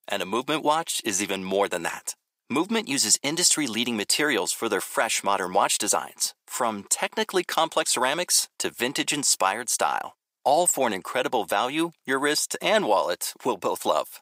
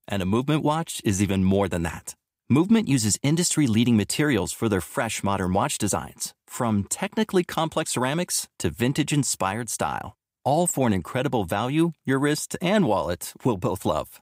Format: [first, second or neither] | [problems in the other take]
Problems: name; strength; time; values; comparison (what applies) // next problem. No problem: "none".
second | thin; somewhat; fading below 500 Hz